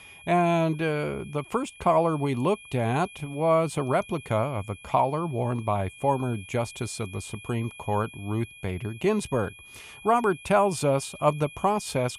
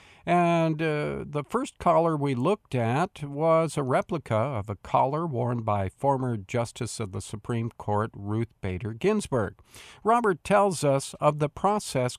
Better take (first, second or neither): second